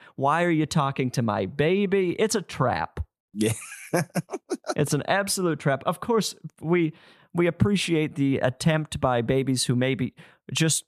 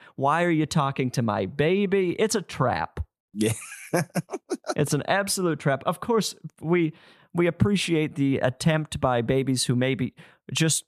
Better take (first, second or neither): neither